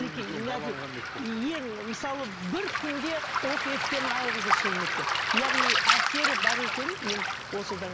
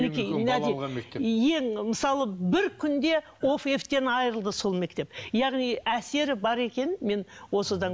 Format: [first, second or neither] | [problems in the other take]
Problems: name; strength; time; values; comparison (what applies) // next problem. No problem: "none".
second | background sound (Waves, surf); 5 dB above the speech